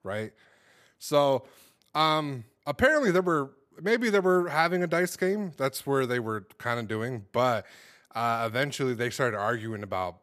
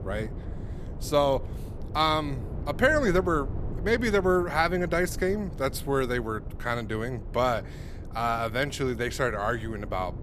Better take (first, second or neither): first